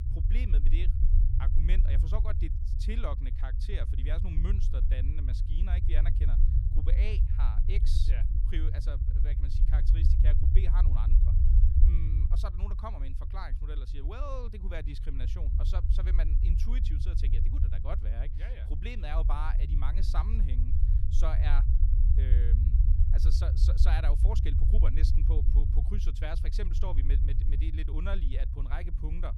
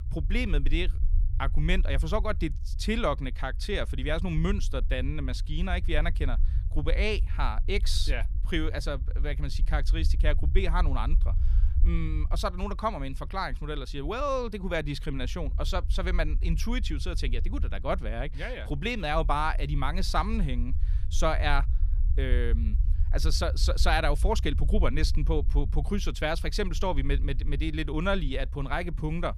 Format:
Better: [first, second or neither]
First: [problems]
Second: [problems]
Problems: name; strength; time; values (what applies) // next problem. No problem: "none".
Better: second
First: low rumble; loud; throughout; 4 dB below the speech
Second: low rumble; faint; throughout; 20 dB below the speech